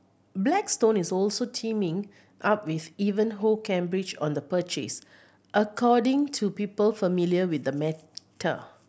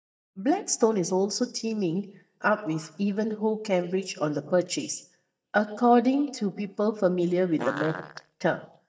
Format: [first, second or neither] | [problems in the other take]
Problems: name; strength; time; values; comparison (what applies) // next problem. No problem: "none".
first | noise reduction (neural mask model DeepFilterNet 3)